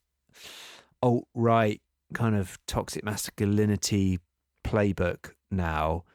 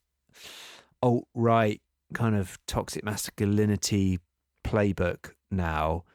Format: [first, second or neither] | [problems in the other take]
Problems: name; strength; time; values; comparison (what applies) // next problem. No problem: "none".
neither | none